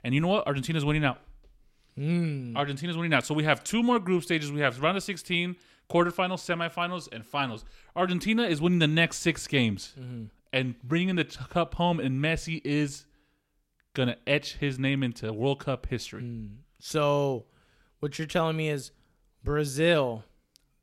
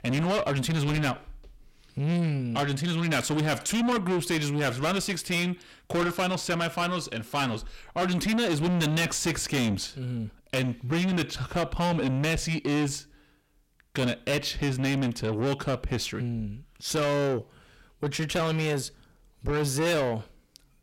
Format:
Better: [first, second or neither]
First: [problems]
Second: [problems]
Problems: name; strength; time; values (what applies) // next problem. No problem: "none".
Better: first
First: none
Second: distortion; heavy; 6 dB below the speech